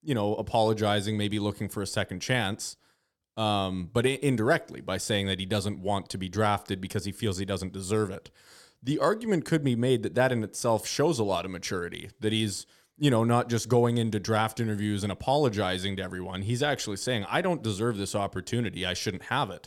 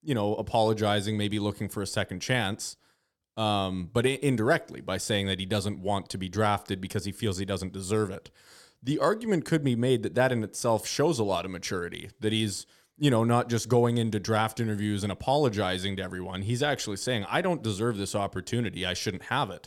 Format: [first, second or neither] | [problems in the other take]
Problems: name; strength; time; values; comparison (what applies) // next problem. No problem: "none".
neither | none